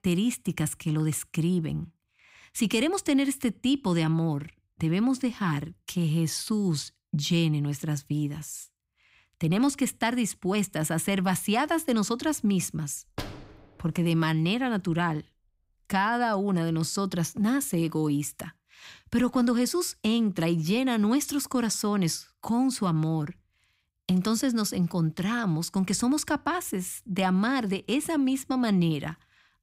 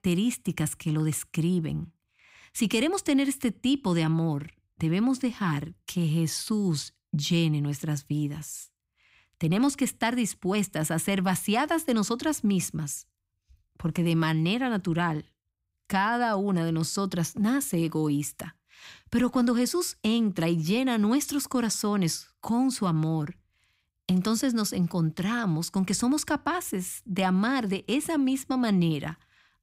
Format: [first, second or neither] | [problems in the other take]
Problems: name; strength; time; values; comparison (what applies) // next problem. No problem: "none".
second | door banging; faint; at 13 s; peak 10 dB below the speech